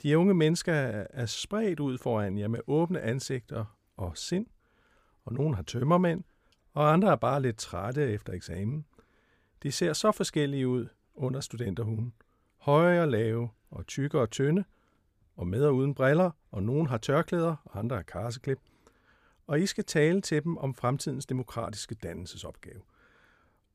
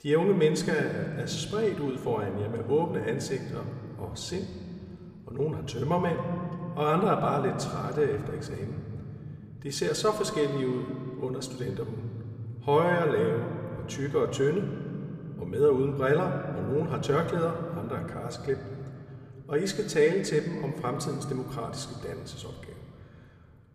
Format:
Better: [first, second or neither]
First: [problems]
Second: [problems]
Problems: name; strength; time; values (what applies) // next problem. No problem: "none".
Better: first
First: none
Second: room echo; slight; dies away in 2.4 s